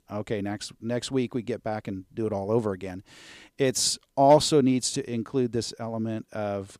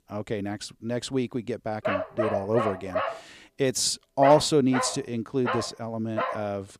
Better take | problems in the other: first | dog barking; noticeable; from 2 s on; peak 2 dB below the speech

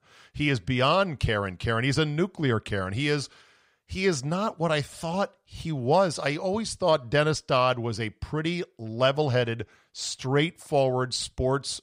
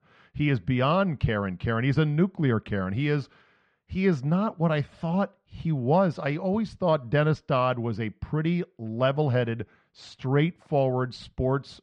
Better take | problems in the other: first | muffled; slightly; fading above 2.5 kHz

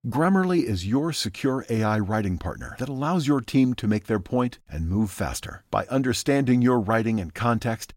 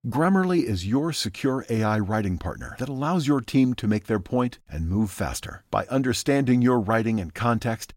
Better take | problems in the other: neither | none

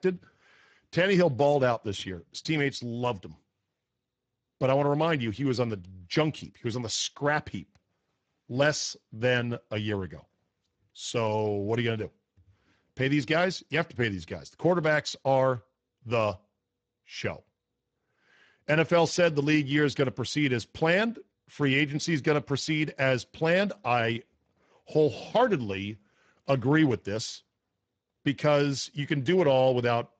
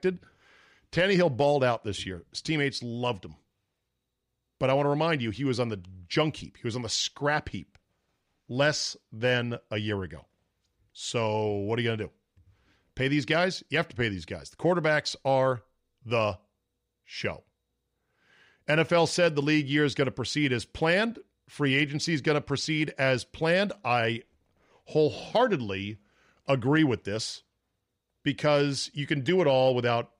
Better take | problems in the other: second | garbled, watery; badly; nothing above 7.5 kHz

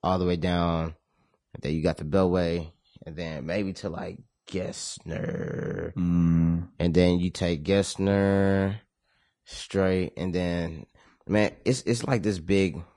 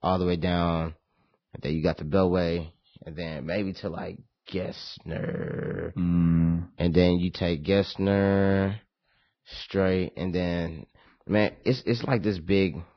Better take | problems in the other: first | garbled, watery; badly; nothing above 5.5 kHz; slightly in the first

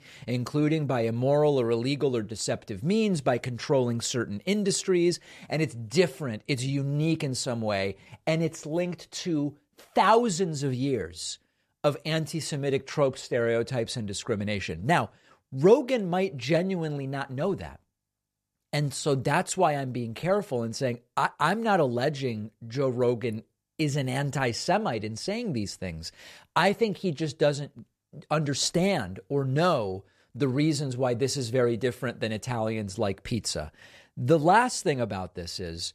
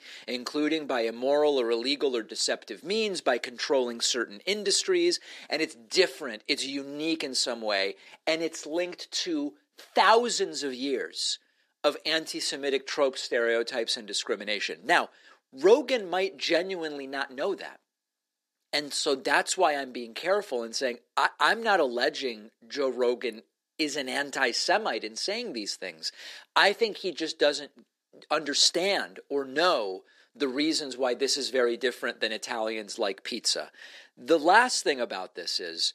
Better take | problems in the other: first | thin; somewhat; fading below 250 Hz

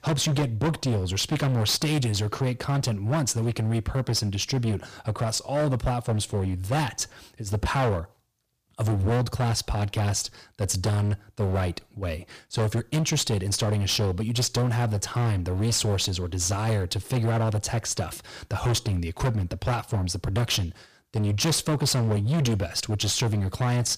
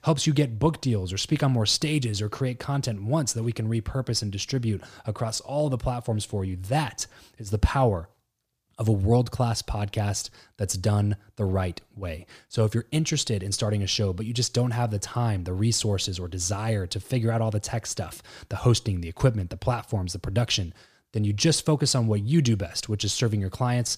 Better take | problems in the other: second | distortion; heavy; 18% of the sound clipped

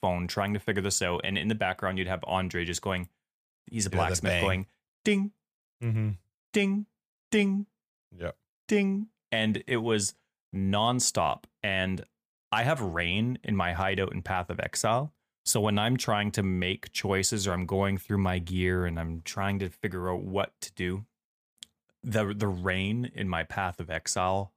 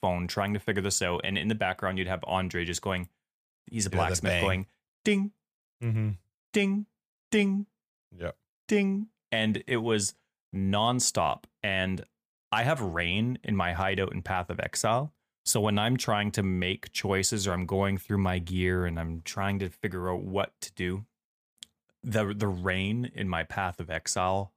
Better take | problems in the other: neither | none

